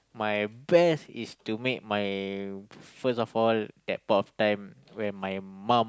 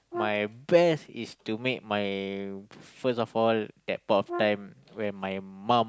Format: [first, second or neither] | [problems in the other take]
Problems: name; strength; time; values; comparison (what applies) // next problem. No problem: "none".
first | background sound (Brass instrument); 11 dB below the speech